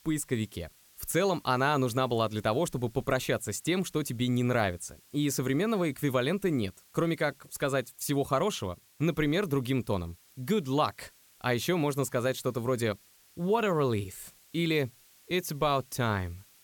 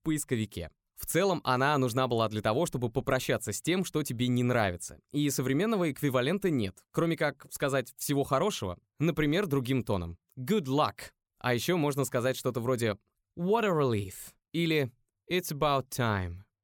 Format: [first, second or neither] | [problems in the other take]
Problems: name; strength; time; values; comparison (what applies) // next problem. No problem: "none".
second | hiss; faint; throughout; 30 dB below the speech